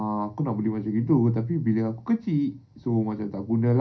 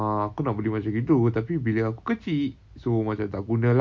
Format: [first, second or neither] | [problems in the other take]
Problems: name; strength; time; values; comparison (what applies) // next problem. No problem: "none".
second | room echo; dies away in 0.3 s